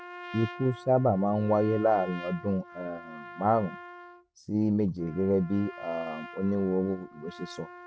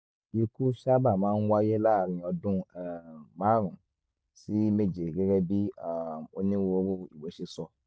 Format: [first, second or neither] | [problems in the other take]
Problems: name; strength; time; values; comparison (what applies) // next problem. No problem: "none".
second | background sound (Trumpet); 16 dB below the speech